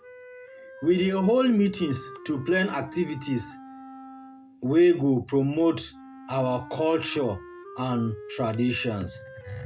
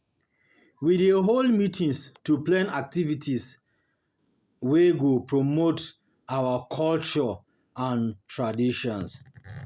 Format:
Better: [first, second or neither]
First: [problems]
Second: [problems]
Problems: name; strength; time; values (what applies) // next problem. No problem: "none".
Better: second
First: background sound (Wind instrument, woodwind instrument); 17 dB below the speech // room echo; dies away in 0.2 s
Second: none